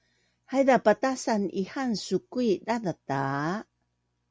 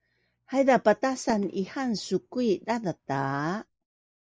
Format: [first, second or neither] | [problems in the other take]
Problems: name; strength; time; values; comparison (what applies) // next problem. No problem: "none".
first | noise reduction (neural mask model Resemble Enhance denoiser)